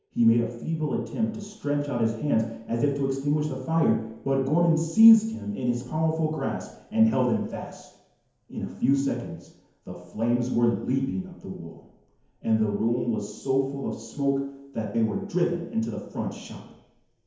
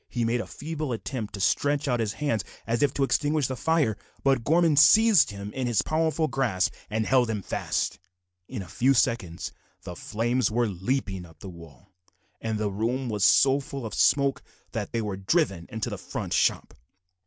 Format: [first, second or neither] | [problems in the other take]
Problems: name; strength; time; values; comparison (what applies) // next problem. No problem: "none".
second | room echo; dies away in 0.9 s